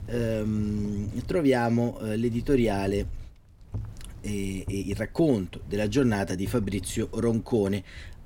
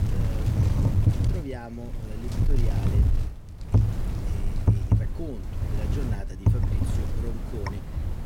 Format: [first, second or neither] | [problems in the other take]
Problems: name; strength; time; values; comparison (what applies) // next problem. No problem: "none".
first | wind noise on the microphone; heavy; 5 dB above the speech; occasional gusts in the first